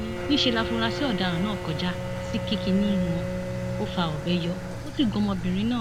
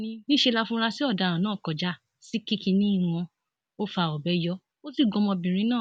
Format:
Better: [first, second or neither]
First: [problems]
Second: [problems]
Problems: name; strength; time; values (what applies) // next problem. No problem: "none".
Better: second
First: background sound (Bowed string instrument + Engine); 4 dB below the speech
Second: none